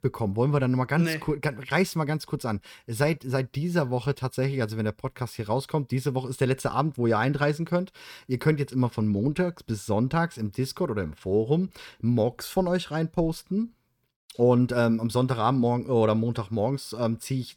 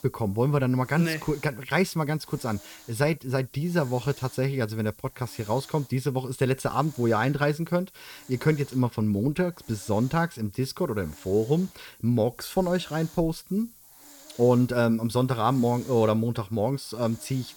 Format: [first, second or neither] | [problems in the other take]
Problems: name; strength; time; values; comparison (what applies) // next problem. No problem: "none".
first | hiss; faint; throughout; 20 dB below the speech